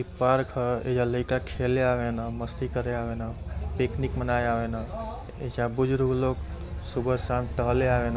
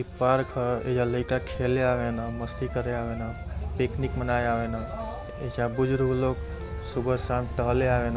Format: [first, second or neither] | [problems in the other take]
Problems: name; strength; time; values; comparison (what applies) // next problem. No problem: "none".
first | background sound (Wind instrument, woodwind instrument); 16 dB below the speech